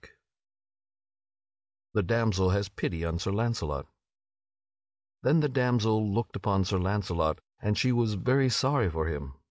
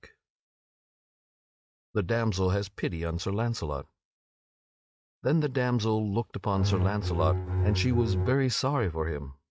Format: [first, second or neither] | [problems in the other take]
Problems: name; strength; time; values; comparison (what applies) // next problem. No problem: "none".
first | noise reduction (neural mask model RNNoise)